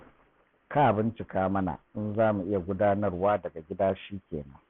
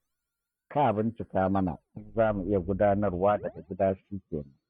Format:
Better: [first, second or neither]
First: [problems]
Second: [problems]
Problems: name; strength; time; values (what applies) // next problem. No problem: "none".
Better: first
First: none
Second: noise reduction (neural mask model DeepFilterNet 3)